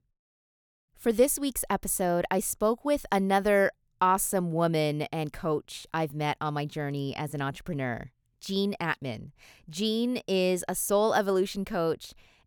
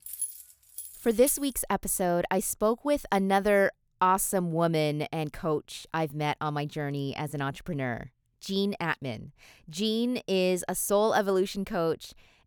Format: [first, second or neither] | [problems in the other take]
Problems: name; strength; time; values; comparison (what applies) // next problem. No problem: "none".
first | jangling keys; noticeable; until 1.5 s; peak 6 dB below the speech